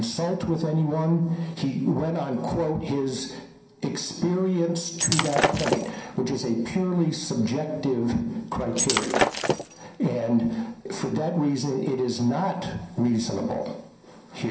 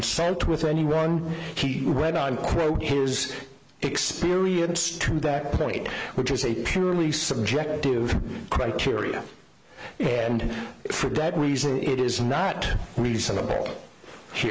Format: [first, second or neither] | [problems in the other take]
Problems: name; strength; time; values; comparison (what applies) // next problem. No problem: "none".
second | background sound (Shatter); as loud as the speech // room echo; dies away in 0.5 s